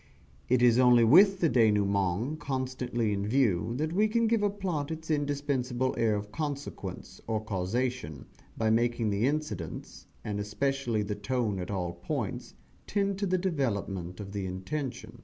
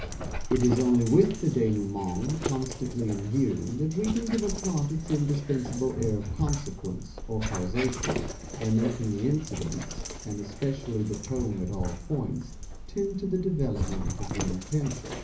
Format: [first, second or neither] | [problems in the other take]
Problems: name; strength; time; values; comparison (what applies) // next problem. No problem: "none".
first | background sound (Dog); 7 dB below the speech // room echo; dies away in 0.5 s